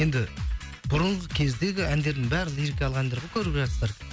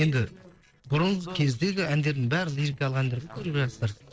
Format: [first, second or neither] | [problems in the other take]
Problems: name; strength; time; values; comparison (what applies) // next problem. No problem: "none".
first | noise reduction (neural separator model SepFormer DNS4)